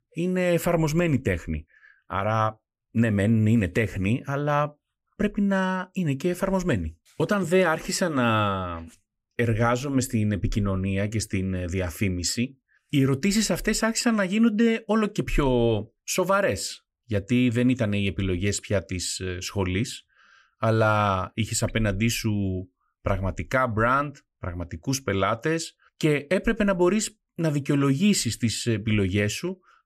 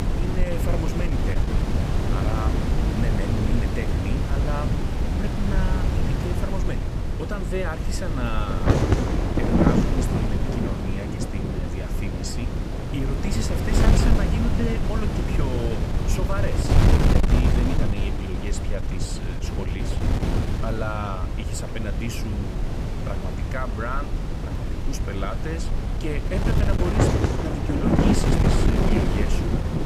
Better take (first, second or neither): first